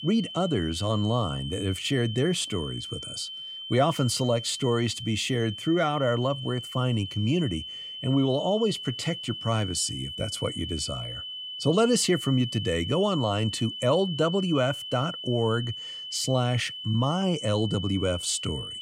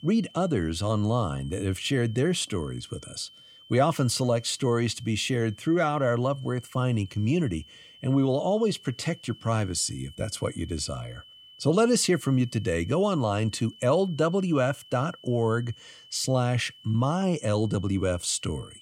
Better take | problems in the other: second | high-pitched whine; loud; throughout; 3 kHz, 8 dB below the speech; faint in the second

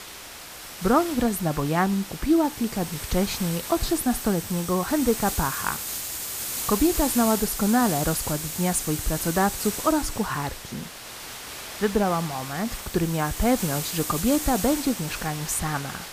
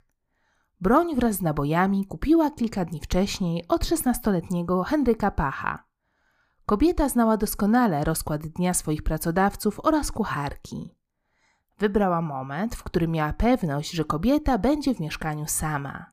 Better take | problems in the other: second | hiss; loud; throughout; 6 dB below the speech

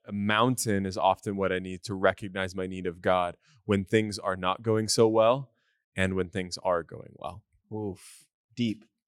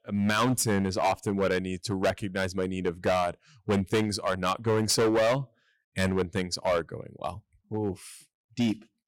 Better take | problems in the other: first | distortion; heavy; 9% of the sound clipped

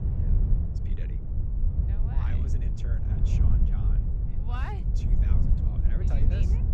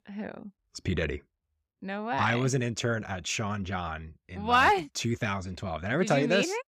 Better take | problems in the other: second | wind noise on the microphone; heavy; 3 dB above the speech

